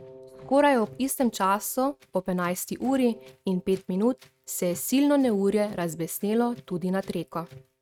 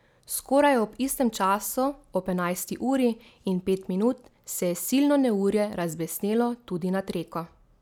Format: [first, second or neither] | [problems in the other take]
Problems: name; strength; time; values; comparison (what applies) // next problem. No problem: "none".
second | noise reduction (neural mask model RNNoise)